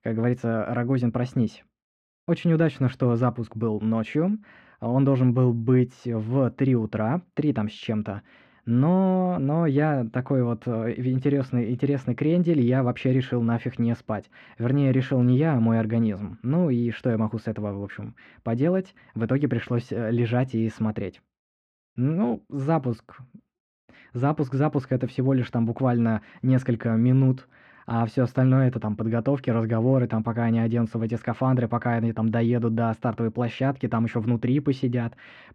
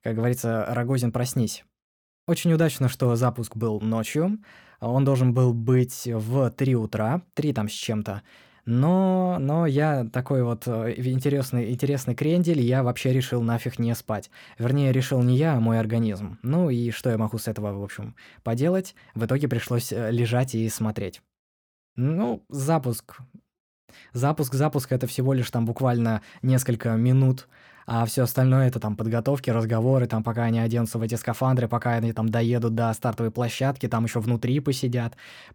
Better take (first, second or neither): second